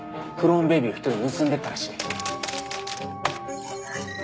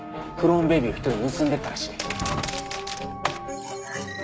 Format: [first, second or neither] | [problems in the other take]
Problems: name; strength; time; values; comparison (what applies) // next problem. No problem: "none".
first | background sound (Drawer open or close); 12 dB below the speech